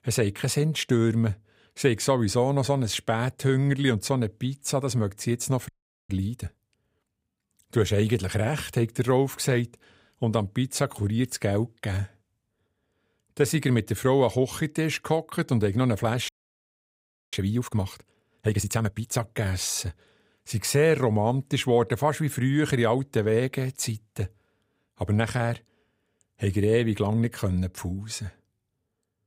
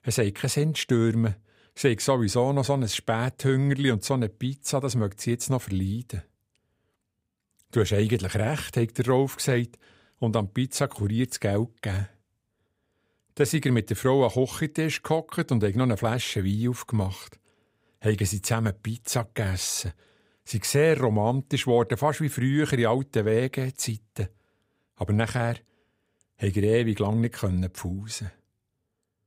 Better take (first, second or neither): second